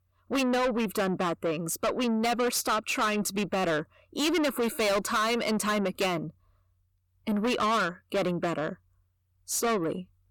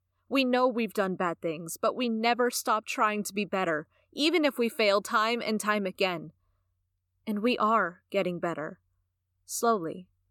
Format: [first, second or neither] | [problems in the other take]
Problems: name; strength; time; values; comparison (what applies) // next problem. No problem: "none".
second | distortion; heavy; 7 dB below the speech